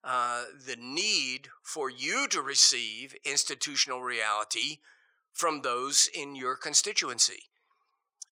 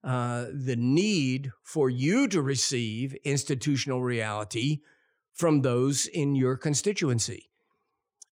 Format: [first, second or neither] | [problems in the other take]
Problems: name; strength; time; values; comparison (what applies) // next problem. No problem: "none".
second | thin; very; fading below 800 Hz